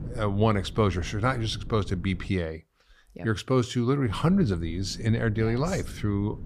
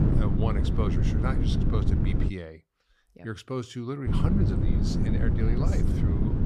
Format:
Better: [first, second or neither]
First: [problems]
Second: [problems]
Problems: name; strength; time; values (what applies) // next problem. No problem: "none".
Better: first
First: wind noise on the microphone; occasional gusts; until 2.5 s and from 4 s on; 20 dB below the speech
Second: wind noise on the microphone; heavy; until 2.5 s and from 4 s on; 1 dB above the speech